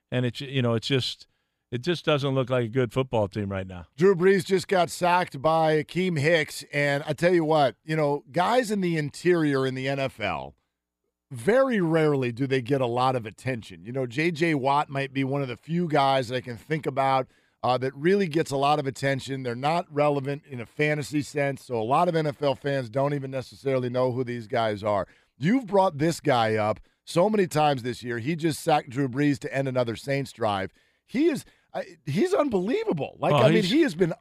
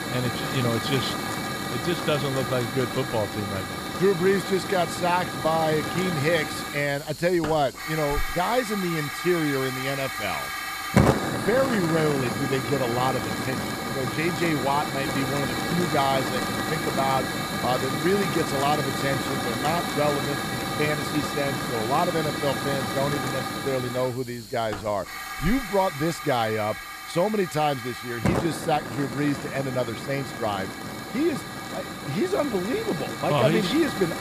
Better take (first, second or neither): first